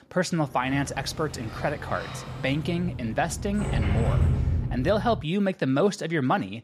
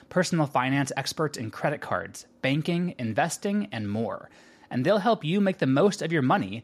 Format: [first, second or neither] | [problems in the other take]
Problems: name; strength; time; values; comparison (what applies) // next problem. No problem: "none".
second | door banging; loud; from 0.5 to 5 s; peak 4 dB above the speech